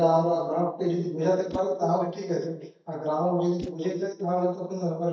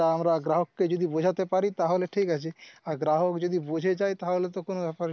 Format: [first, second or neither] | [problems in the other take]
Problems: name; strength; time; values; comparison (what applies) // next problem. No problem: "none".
second | noise reduction (neural mask model DeepFilterNet 3)